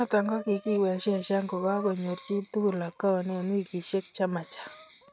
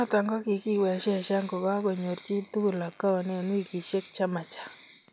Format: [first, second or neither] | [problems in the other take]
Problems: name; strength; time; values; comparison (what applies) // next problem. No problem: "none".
second | noise reduction (neural mask model RNNoise)